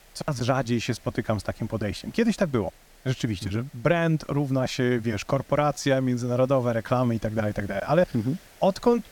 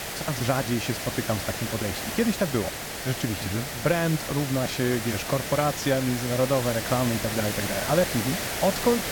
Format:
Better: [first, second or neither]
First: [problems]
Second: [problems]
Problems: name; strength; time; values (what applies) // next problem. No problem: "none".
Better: first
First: hiss; faint; throughout; 25 dB below the speech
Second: hiss; loud; throughout; 3 dB below the speech